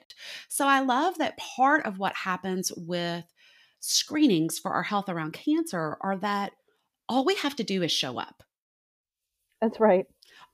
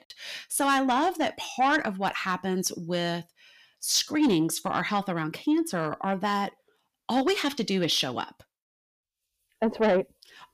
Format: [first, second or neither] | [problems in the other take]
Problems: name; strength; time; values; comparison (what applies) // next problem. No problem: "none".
first | distortion; slight; 10 dB below the speech